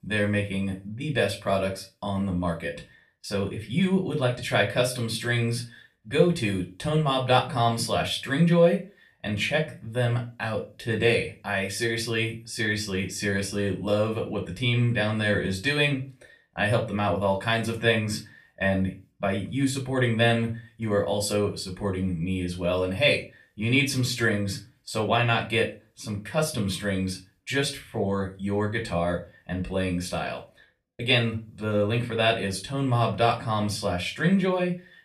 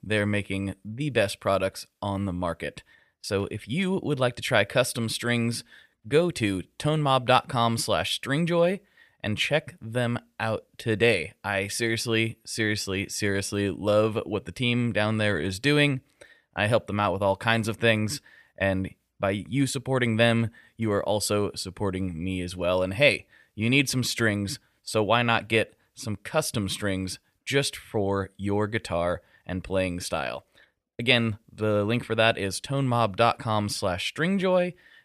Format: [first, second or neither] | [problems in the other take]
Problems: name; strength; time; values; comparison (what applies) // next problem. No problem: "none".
second | off-mic speech; far // room echo; very slight; dies away in 0.2 s